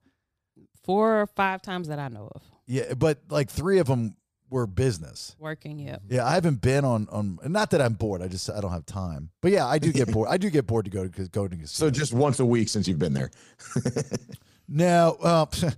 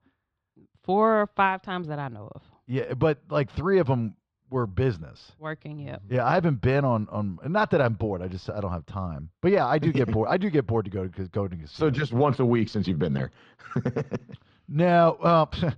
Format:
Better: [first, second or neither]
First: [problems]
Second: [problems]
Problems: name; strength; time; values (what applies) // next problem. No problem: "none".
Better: first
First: none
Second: muffled; slightly; fading above 3.5 kHz